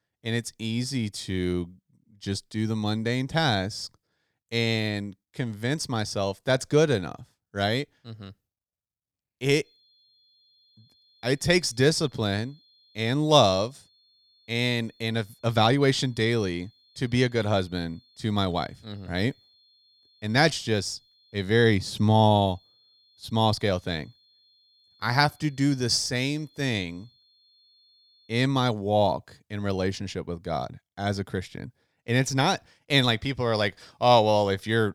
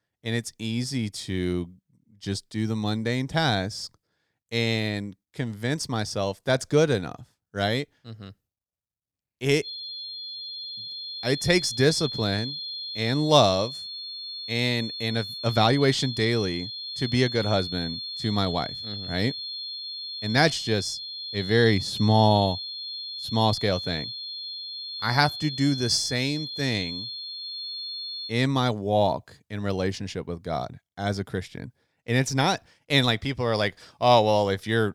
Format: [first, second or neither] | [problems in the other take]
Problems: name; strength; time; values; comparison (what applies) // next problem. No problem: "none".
first | high-pitched whine; loud; from 9.5 to 28 s; 4 kHz, 7 dB below the speech; faint in the first